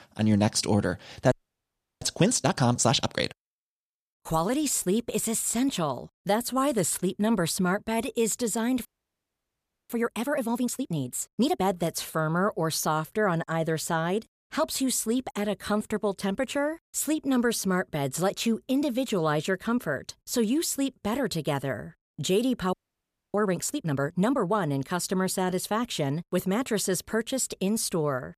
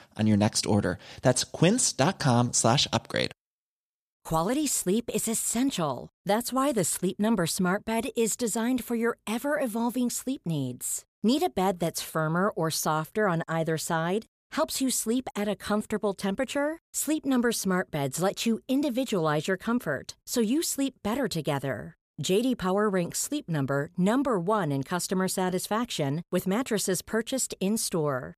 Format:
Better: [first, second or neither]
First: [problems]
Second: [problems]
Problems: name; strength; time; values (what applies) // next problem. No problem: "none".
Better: second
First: audio freezing; at 1.5 s for 0.5 s, at 9 s for 1 s and at 23 s for 0.5 s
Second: none